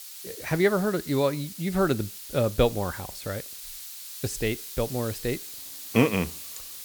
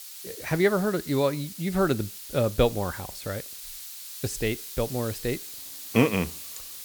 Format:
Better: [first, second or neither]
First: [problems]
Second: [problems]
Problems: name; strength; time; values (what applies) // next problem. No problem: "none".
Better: neither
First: hiss; noticeable; throughout; 10 dB below the speech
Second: hiss; noticeable; throughout; 10 dB below the speech